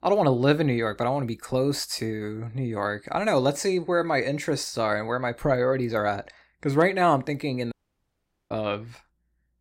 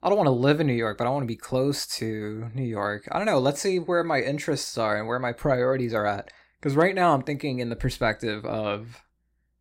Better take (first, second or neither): second